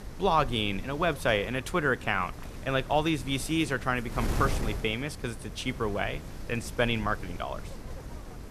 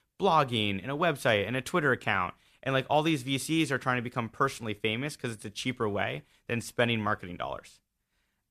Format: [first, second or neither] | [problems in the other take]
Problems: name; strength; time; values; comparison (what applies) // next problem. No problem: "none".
second | wind noise on the microphone; occasional gusts; 15 dB below the speech